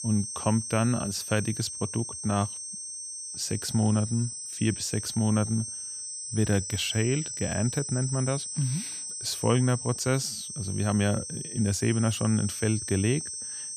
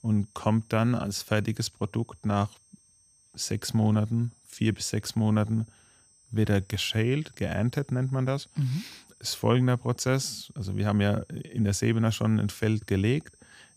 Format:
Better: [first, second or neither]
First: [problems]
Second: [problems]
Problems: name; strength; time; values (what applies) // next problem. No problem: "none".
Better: second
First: high-pitched whine; loud; throughout; 8.5 kHz, 6 dB below the speech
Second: high-pitched whine; faint; throughout; 8.5 kHz, 30 dB below the speech